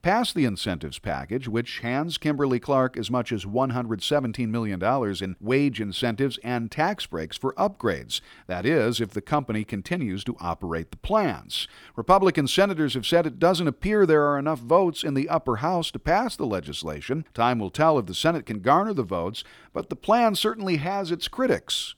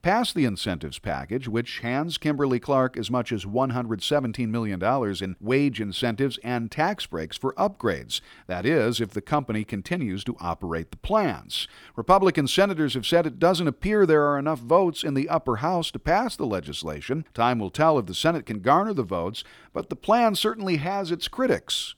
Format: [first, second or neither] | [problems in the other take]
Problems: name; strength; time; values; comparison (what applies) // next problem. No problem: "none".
neither | none